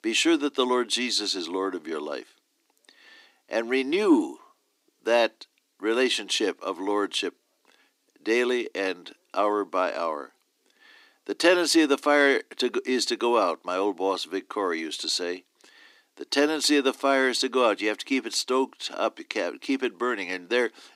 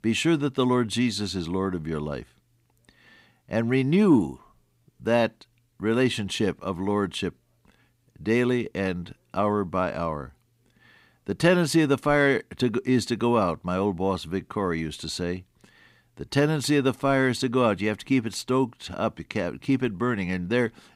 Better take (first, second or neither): second